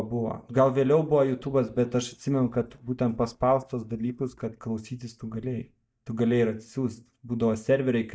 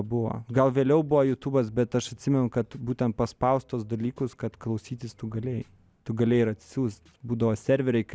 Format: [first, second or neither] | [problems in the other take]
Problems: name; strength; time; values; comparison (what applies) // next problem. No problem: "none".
second | noise reduction (neural mask model DeepFilterNet 3)